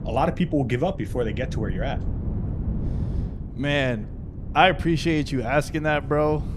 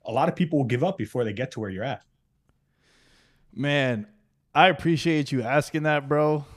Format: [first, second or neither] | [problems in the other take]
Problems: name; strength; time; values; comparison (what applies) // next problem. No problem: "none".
second | wind noise on the microphone; occasional gusts; 20 dB below the speech